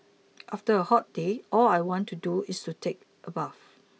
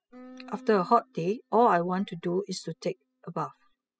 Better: first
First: none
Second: noise reduction (classical method spectral subtraction)

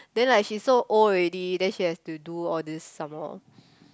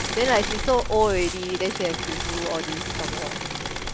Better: first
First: none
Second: background sound (Engine / Mechanisms + Wind); 3 dB below the speech

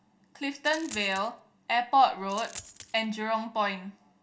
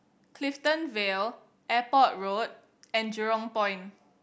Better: second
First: background sound (Coin (dropping)); 16 dB below the speech // room echo; dies away in 0.2 s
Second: none

